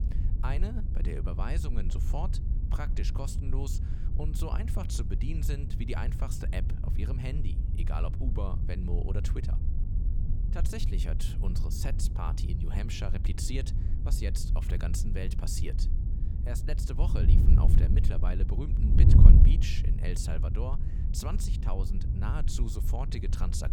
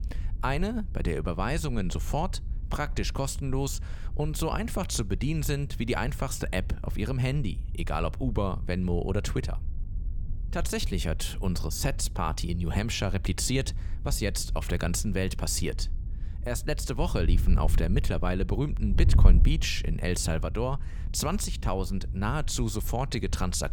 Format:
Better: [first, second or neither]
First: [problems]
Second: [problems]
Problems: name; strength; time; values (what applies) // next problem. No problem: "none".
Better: second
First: wind noise on the microphone; heavy; 3 dB below the speech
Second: wind noise on the microphone; occasional gusts; 20 dB below the speech